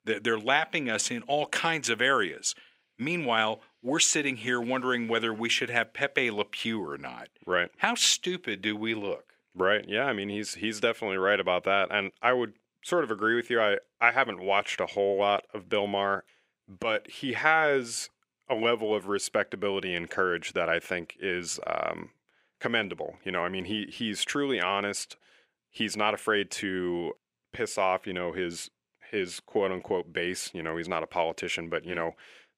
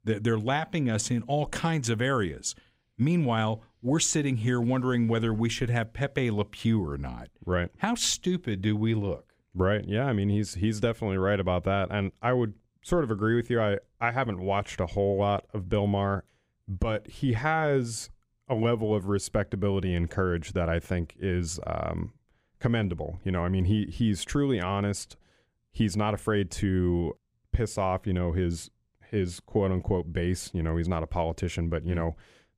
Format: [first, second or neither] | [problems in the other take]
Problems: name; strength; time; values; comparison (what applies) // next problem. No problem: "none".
second | thin; somewhat; fading below 350 Hz